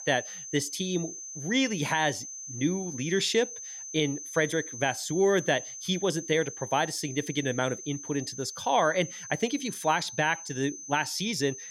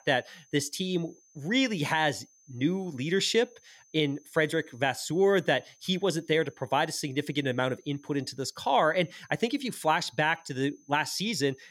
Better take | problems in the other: second | high-pitched whine; loud; throughout; 6 kHz, 10 dB below the speech; faint in the second

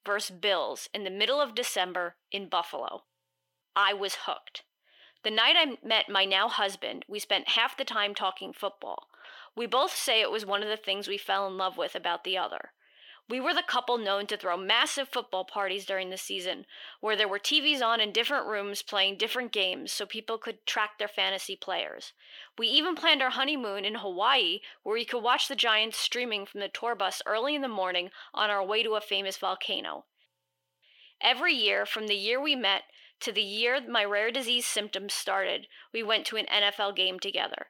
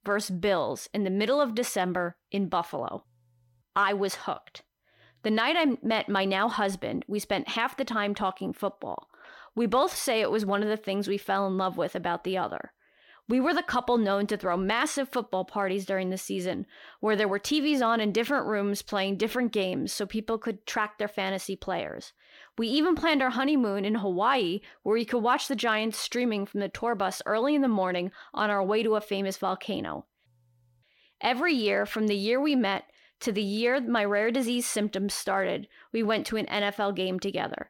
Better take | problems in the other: second | thin; somewhat; fading below 450 Hz

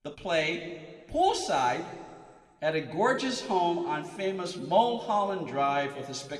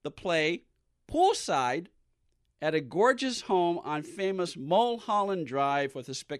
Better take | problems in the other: second | room echo; slight; dies away in 1.4 s

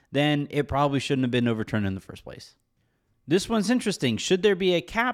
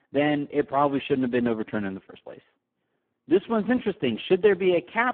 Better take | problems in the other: first | phone-call audio; poor line

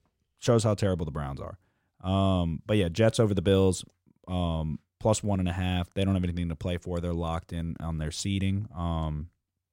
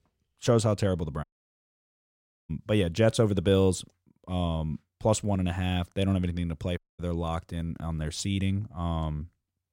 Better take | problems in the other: first | audio cutting out; at 1 s for 1.5 s and at 7 s

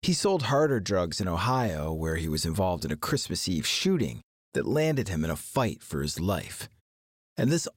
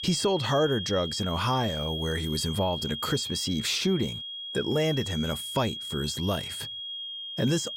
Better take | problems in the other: first | high-pitched whine; loud; throughout; 3.5 kHz, 5 dB below the speech

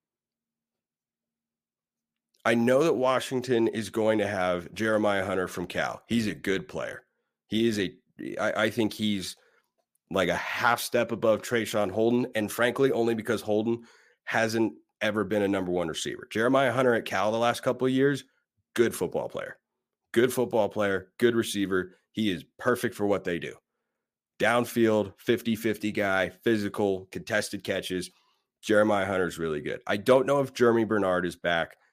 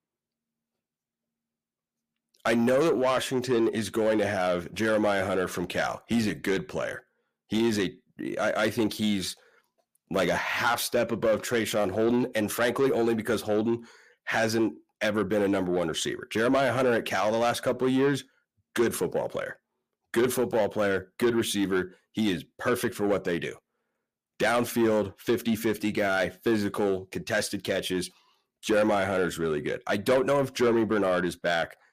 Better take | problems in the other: first | distortion; slight; 10 dB below the speech

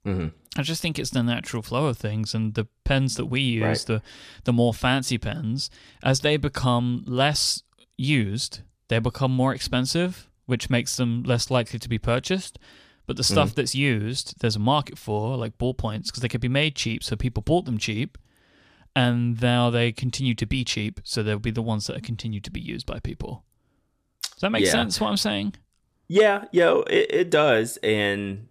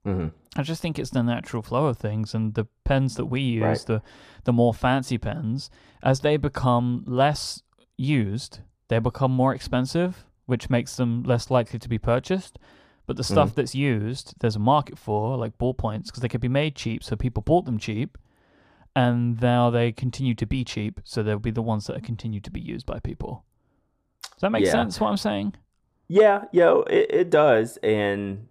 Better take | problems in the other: first | muffled; slightly; fading above 2 kHz

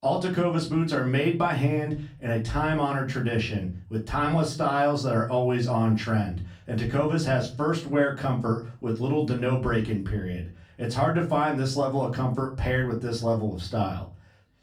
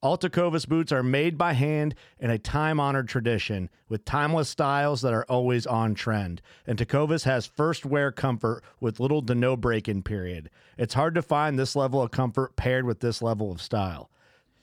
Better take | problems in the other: second | off-mic speech; far // room echo; very slight; dies away in 0.3 s

